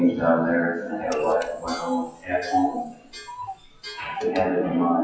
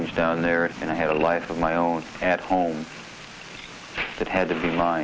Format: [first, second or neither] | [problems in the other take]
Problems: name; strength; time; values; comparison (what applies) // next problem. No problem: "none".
second | noise reduction (classical method WPE with log-MMSE)